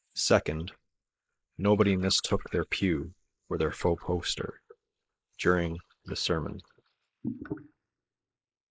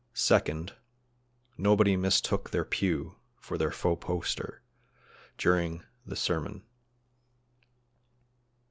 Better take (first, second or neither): second